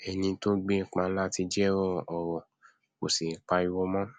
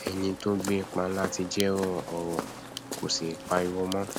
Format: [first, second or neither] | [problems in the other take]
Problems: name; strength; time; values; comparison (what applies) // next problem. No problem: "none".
first | background sound (Walk, footsteps); 8 dB below the speech